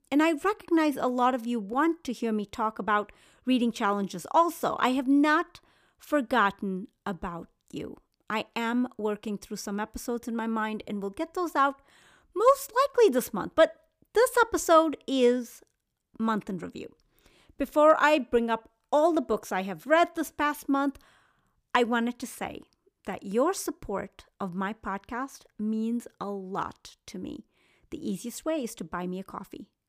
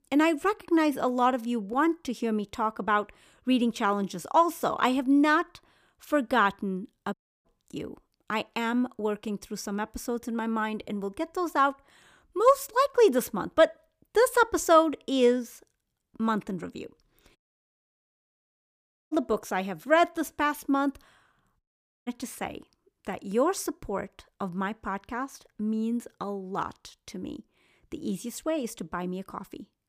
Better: first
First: none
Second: audio cutting out; at 7 s, at 17 s for 2 s and at 22 s

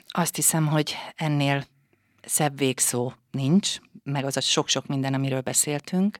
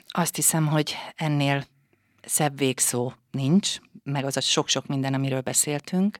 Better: neither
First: none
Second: none

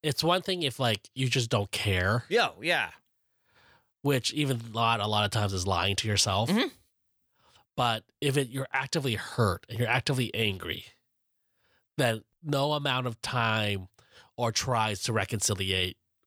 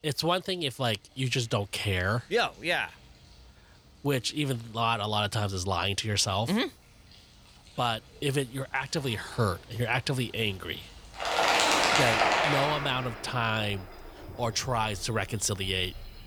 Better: first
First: none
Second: animal sounds; very loud; throughout; 4 dB above the speech

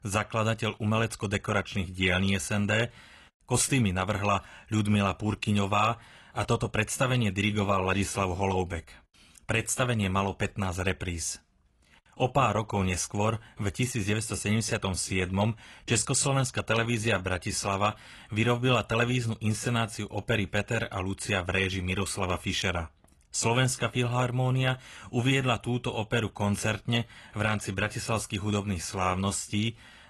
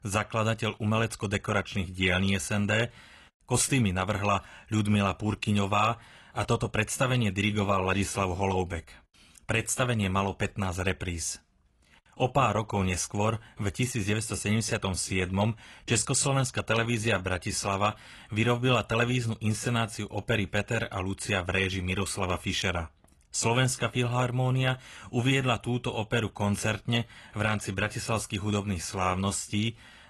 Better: neither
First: garbled, watery; slightly; nothing above 11 kHz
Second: garbled, watery; slightly; nothing above 11 kHz

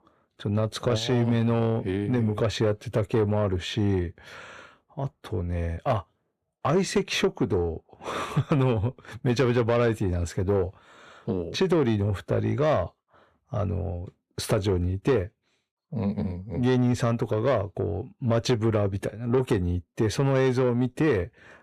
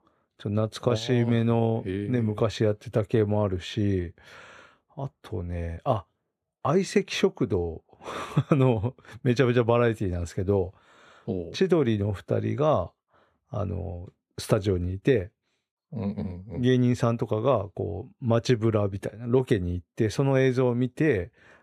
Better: second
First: distortion; slight; 10 dB below the speech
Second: none

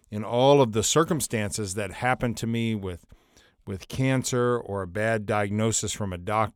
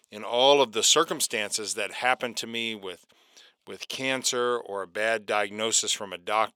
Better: first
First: none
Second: thin; somewhat; fading below 400 Hz

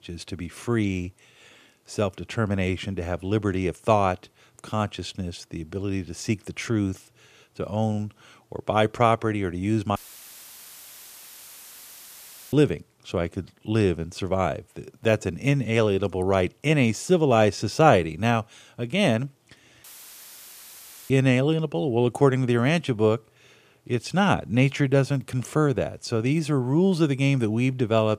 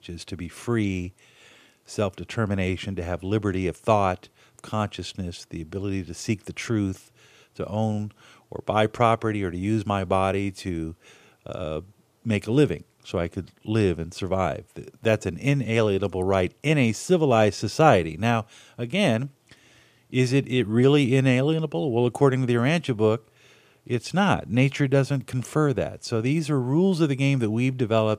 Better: second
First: audio cutting out; filled with static; at 10 s for 2.5 s and at 20 s for 1.5 s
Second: none

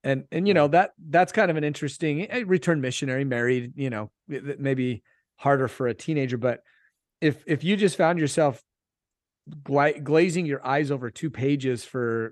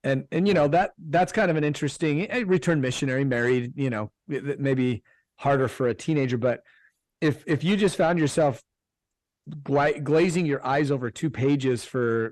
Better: first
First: none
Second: distortion; slight; 10 dB below the speech

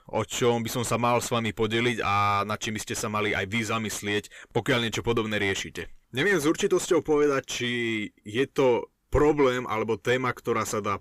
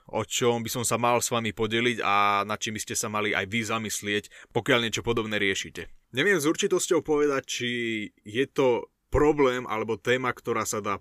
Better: second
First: distortion; slight; 10 dB below the speech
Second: none

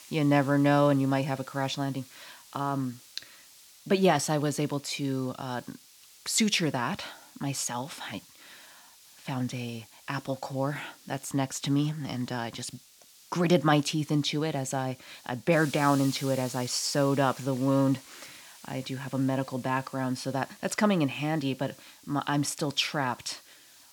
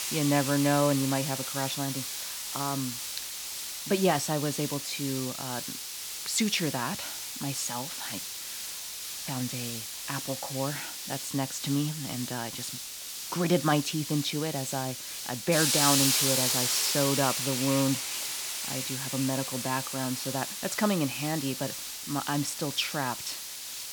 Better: first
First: hiss; faint; throughout; 20 dB below the speech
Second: hiss; loud; throughout; 1 dB below the speech

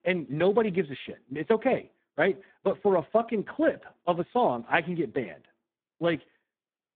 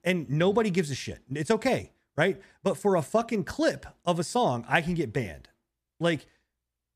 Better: second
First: phone-call audio; poor line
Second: none

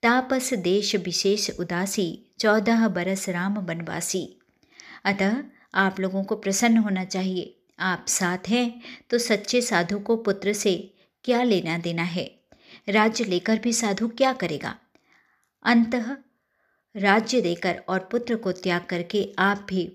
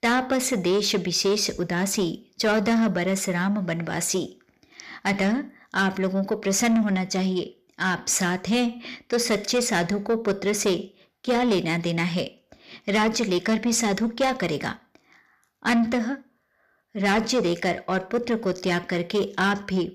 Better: first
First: none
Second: distortion; slight; 10 dB below the speech

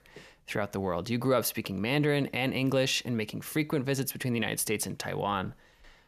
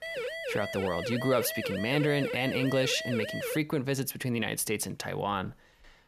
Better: first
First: none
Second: siren; noticeable; until 3.5 s; peak 4 dB below the speech

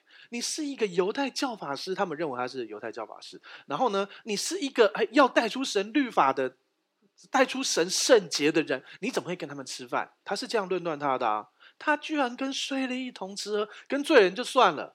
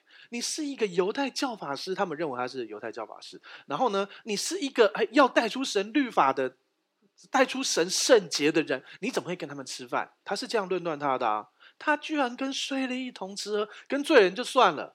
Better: neither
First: thin; very slightly; fading below 400 Hz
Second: thin; very slightly; fading below 400 Hz

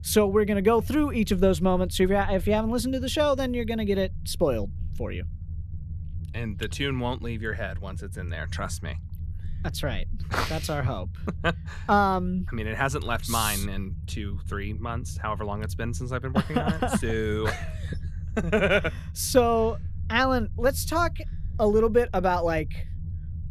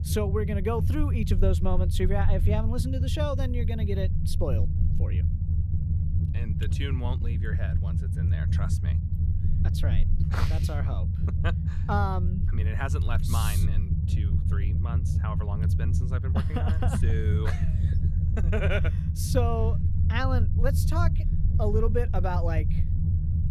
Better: first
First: low rumble; faint; throughout; 25 dB below the speech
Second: low rumble; loud; throughout; 7 dB below the speech

